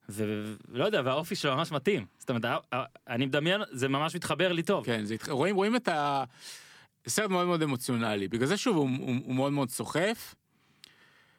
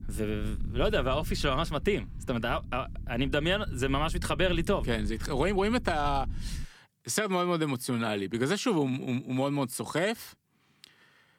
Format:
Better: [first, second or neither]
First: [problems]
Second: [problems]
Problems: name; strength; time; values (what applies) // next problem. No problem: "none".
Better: first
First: none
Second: low rumble; faint; until 6.5 s; 20 dB below the speech